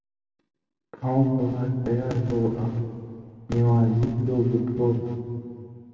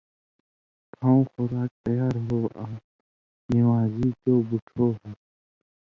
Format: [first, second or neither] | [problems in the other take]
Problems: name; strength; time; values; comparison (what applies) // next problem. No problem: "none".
second | room echo; dies away in 2.3 s